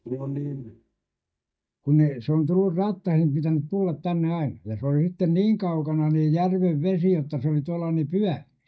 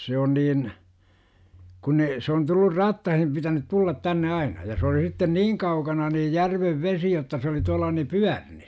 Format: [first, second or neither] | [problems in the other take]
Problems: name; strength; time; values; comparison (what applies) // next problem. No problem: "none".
second | noise reduction (neural mask model DeepFilterNet 3)